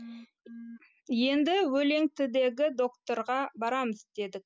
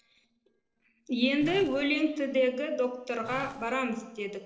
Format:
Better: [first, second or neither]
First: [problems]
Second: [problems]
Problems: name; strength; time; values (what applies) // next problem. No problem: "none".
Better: first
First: none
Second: noise reduction (neural separator model SepFormer DNS4)